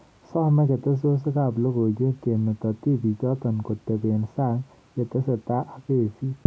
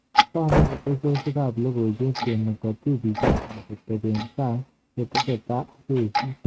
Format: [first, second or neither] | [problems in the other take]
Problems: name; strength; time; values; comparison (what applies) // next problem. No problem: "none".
first | noise reduction (neural mask model RNNoise)